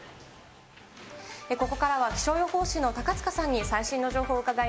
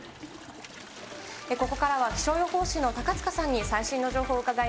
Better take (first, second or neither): first